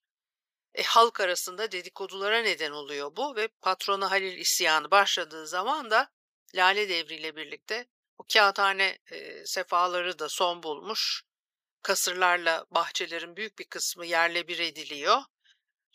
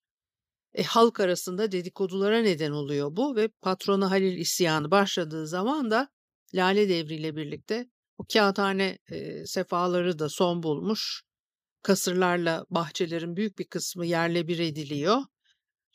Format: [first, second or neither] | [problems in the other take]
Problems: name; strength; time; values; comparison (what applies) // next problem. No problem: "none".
second | thin; very; fading below 800 Hz